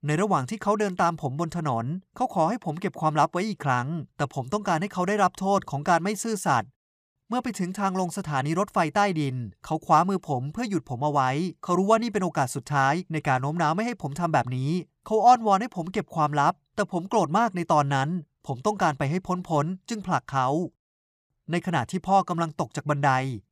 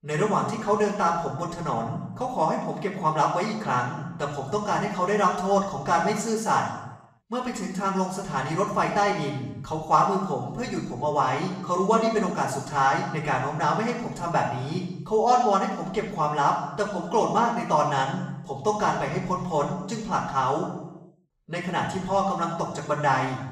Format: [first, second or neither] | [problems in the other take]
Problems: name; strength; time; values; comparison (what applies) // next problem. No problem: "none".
first | room echo; noticeable; dies away in 0.8 s // off-mic speech; far